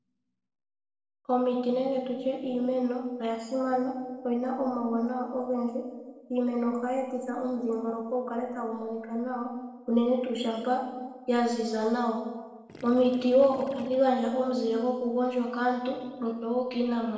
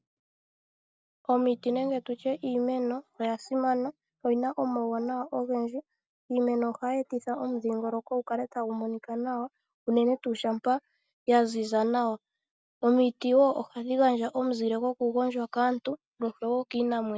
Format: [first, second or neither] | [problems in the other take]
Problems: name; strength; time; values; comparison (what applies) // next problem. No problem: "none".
second | noise reduction (neural separator model SepFormer DNS4)